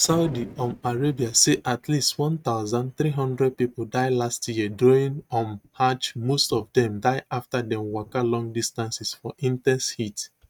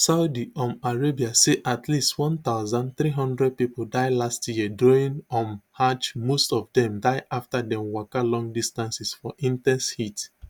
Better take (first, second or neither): second